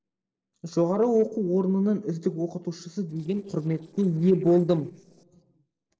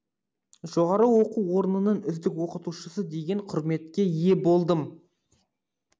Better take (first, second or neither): second